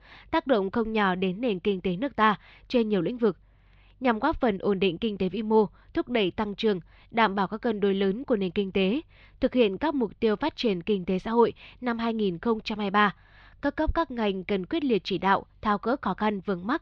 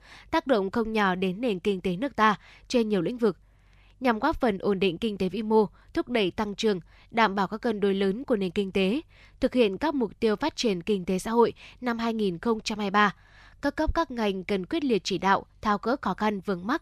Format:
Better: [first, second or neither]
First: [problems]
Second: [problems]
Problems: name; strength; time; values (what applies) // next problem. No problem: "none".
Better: second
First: muffled; very slightly; fading above 3.5 kHz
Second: none